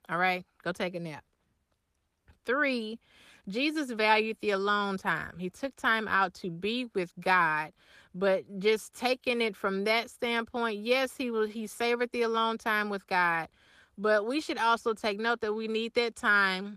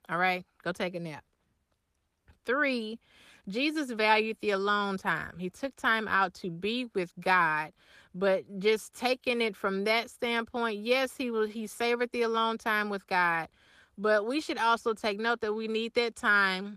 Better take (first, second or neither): neither